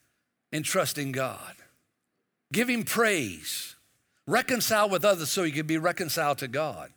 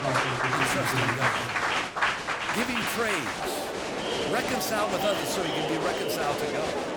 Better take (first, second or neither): first